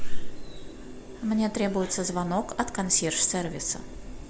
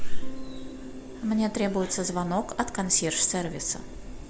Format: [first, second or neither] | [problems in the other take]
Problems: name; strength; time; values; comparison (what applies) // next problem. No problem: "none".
first | background sound (Electric guitar / Strum); 19 dB below the speech